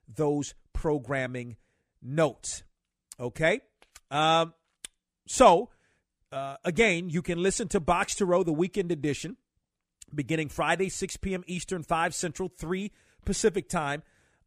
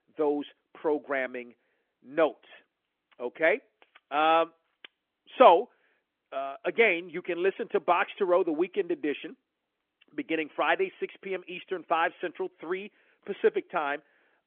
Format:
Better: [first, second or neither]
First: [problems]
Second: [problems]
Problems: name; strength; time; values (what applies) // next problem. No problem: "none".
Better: first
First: none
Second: phone-call audio; nothing above 3.5 kHz